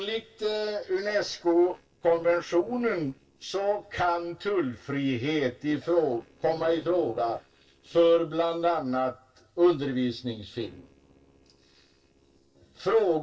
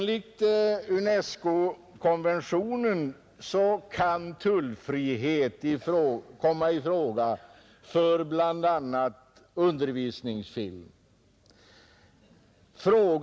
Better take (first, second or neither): second